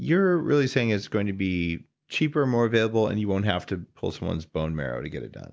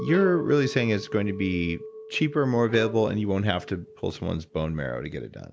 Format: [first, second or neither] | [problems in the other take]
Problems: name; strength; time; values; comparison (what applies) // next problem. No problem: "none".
first | background sound (Bowed string instrument + Chink, clink); 13 dB below the speech